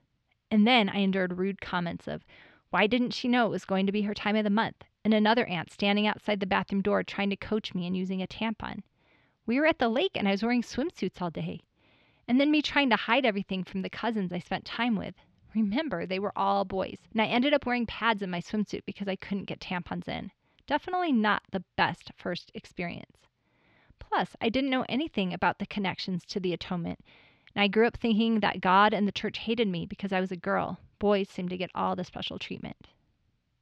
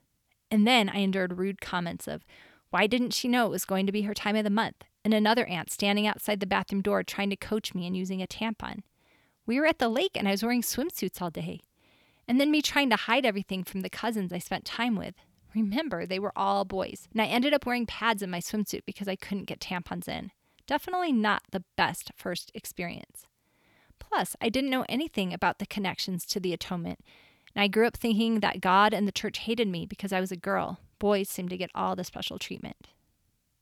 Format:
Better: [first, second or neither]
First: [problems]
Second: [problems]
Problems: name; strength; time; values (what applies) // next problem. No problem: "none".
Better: second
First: muffled; very slightly; fading above 4 kHz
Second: none